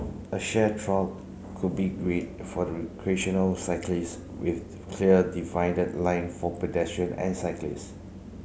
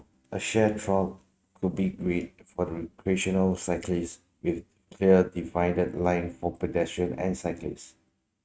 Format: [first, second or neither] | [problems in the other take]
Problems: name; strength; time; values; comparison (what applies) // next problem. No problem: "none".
first | noise reduction (neural mask model RNNoise)